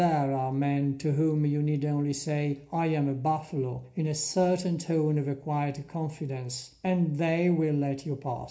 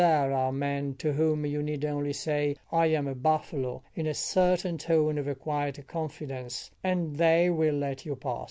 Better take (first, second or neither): second